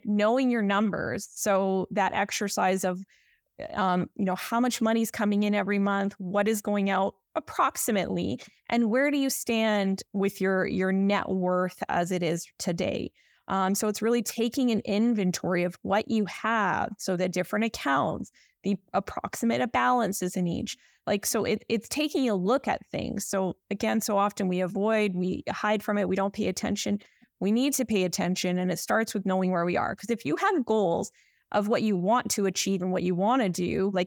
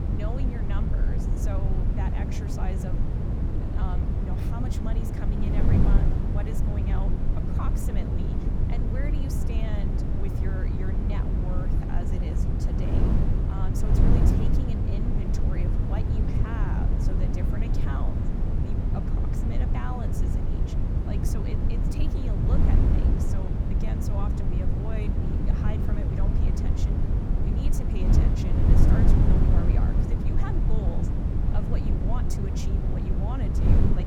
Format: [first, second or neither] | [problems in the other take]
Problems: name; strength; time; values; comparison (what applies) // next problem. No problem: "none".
first | wind noise on the microphone; heavy; 4 dB above the speech